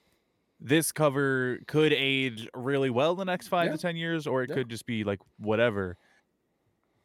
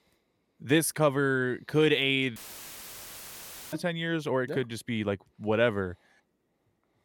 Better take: first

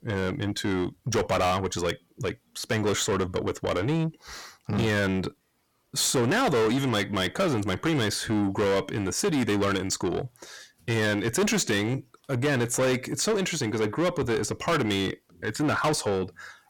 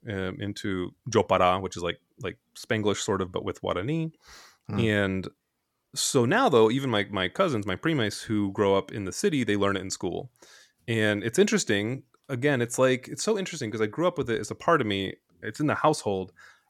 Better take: second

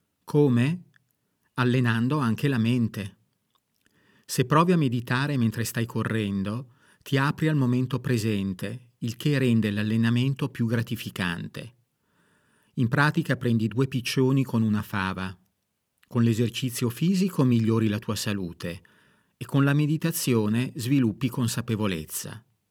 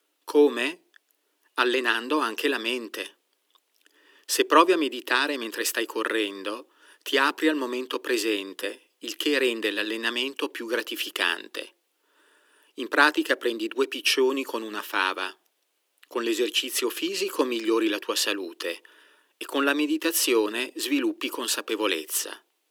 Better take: first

